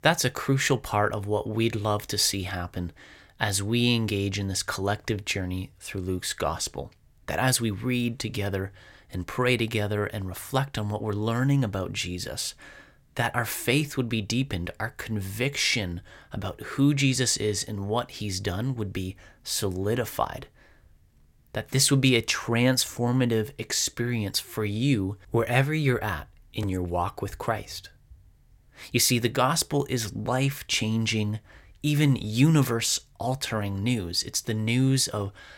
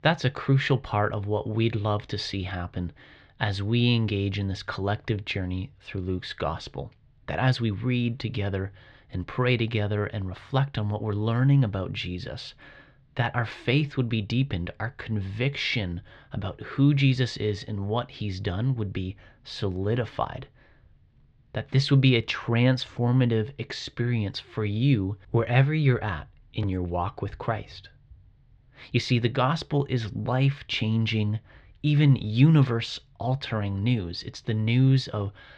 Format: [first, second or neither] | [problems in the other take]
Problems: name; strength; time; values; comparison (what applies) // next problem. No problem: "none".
first | muffled; slightly; fading above 4 kHz